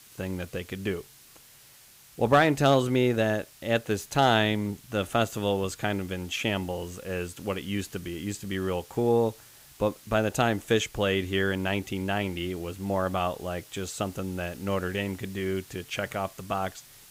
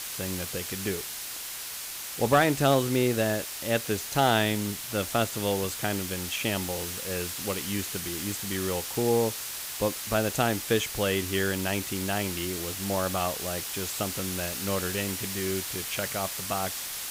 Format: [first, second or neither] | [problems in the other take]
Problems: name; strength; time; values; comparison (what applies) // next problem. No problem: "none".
first | hiss; loud; throughout; 4 dB below the speech; faint in the first